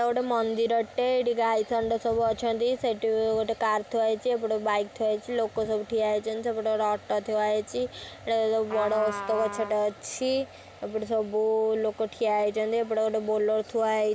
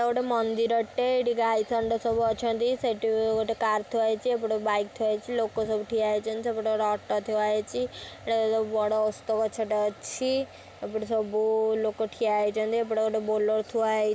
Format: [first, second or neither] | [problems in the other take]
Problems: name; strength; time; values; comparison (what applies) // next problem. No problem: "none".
second | background sound (Trumpet); 11 dB below the speech